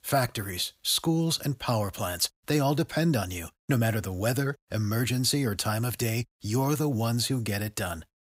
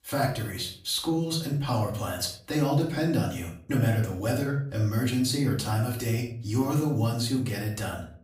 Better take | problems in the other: first | off-mic speech; far // room echo; slight; dies away in 0.4 s

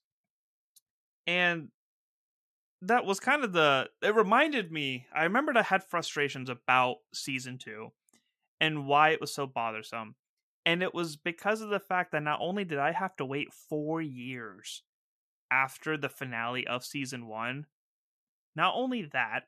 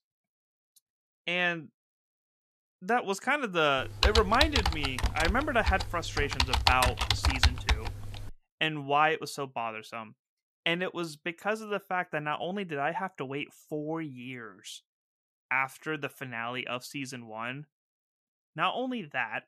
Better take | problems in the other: first | keyboard typing; loud; from 4 to 8.5 s; peak 5 dB above the speech

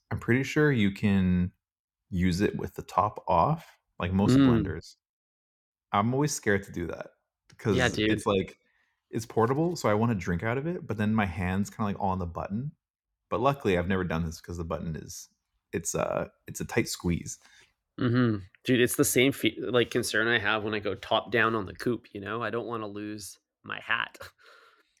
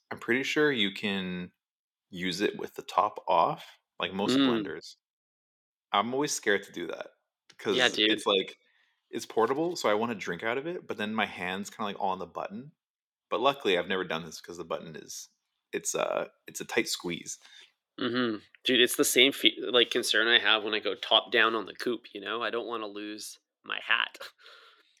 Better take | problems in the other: first | thin; somewhat; fading below 350 Hz

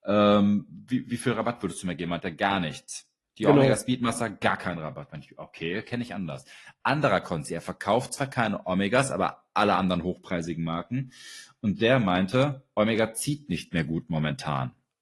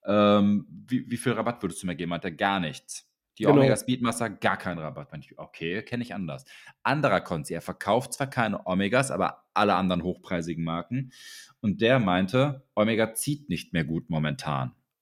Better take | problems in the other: second | garbled, watery; slightly; nothing above 11.5 kHz

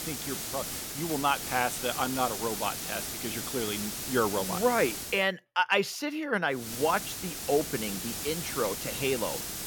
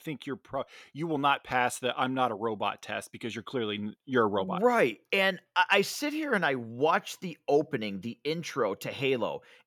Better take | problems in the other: second | hiss; loud; until 5 s and from 6.5 s on; 4 dB below the speech

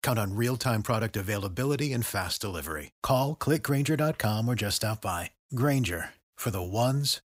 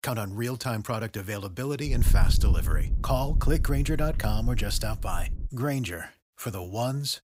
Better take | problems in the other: first | wind noise on the microphone; occasional gusts; from 2 to 5.5 s; 15 dB below the speech

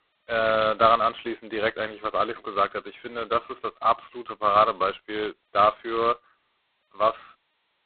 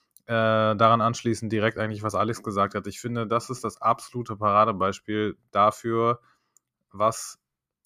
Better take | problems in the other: second | phone-call audio; poor line; nothing above 4 kHz

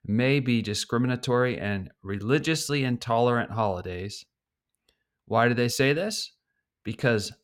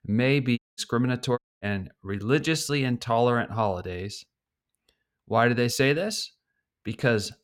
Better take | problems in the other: first | audio cutting out; at 0.5 s and at 1.5 s

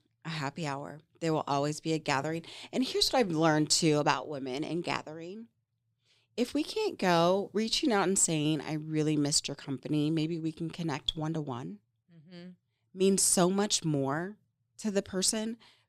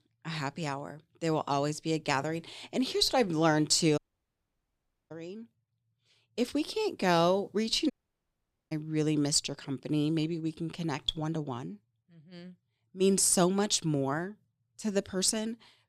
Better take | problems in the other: first | audio cutting out; at 4 s for 1 s and at 8 s for 1 s

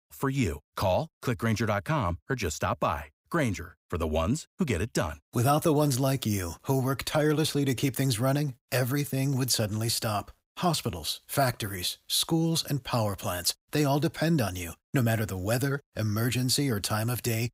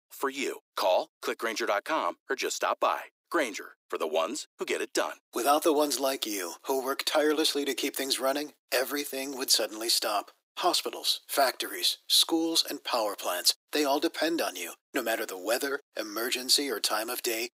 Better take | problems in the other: first | thin; somewhat; fading below 300 Hz

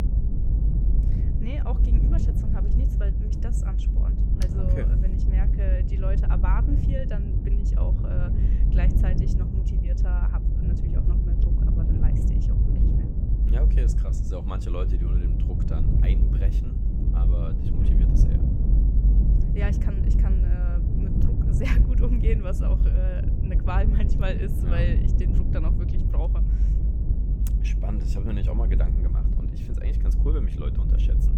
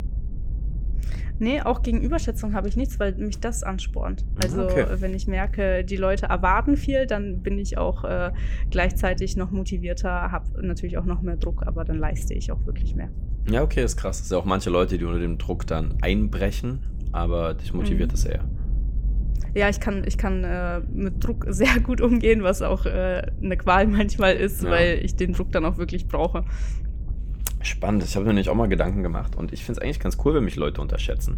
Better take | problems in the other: second | low rumble; loud; throughout; 1 dB below the speech; faint in the second

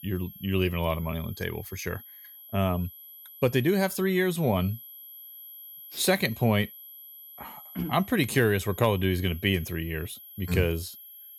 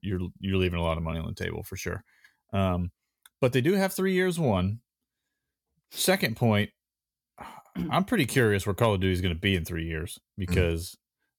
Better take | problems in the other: second | high-pitched whine; noticeable; throughout; 12 kHz, 15 dB below the speech

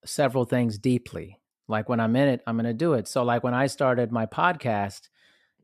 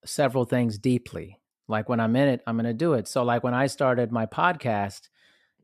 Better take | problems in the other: neither | none

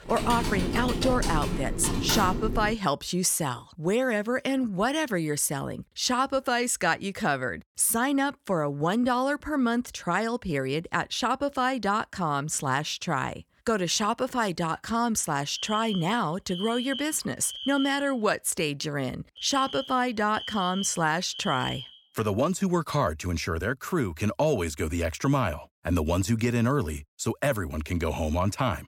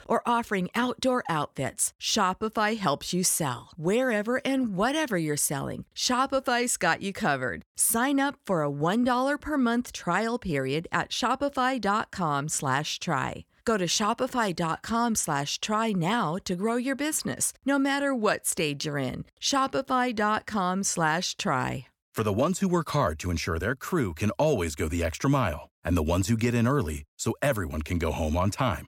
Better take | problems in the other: second | keyboard typing; noticeable; until 3 s; peak 1 dB below the speech // alarm; noticeable; from 16 to 22 s; peak 7 dB below the speech

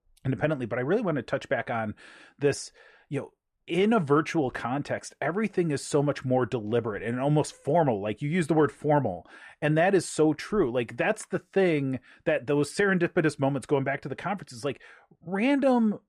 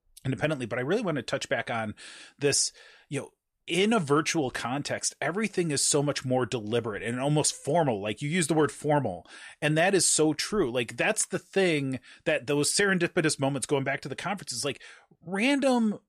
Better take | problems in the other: second | muffled; slightly; fading above 2.5 kHz

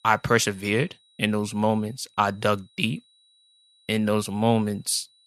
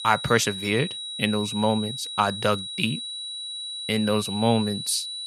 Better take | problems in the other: first | high-pitched whine; loud; throughout; 4 kHz, 6 dB below the speech; faint in the first

